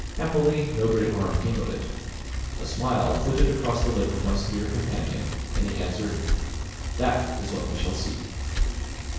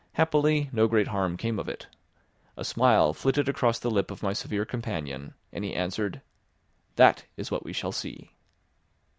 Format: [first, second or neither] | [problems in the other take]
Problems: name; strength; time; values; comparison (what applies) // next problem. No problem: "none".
second | background sound (Bicycle); 1 dB below the speech // room echo; dies away in 1 s